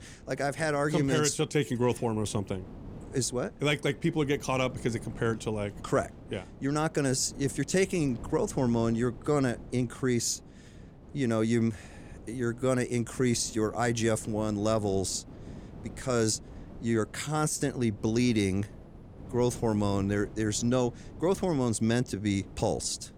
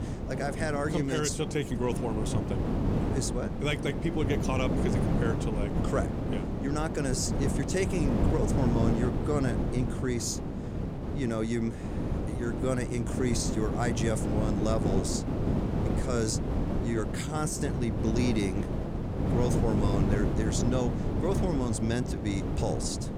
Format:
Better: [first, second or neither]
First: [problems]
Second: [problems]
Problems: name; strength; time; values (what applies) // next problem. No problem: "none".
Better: first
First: wind noise on the microphone; occasional gusts; 20 dB below the speech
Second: wind noise on the microphone; heavy; 3 dB below the speech